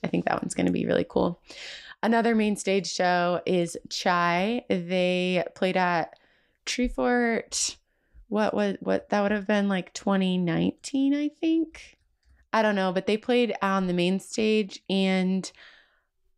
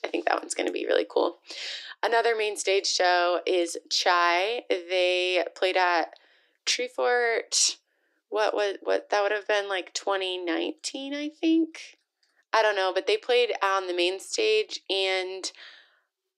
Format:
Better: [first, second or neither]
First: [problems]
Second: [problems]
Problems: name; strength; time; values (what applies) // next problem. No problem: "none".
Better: first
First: none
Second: thin; very; fading below 300 Hz